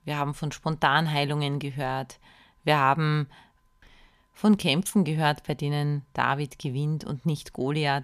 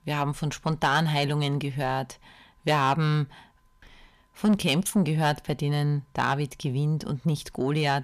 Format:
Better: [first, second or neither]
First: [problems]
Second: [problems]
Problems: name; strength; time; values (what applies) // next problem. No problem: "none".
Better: first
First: none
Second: distortion; slight; 10 dB below the speech